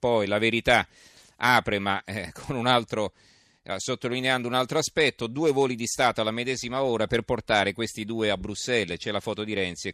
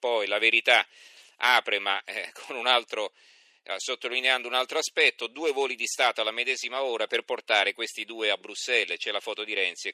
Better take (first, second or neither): first